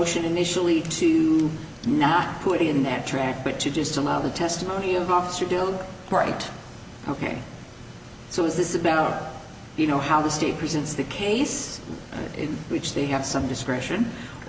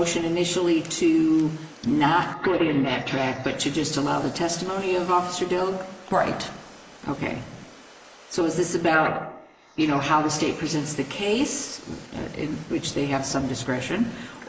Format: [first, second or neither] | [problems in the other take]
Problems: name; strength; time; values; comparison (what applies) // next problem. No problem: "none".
first | noise reduction (neural mask model Resemble Enhance denoiser)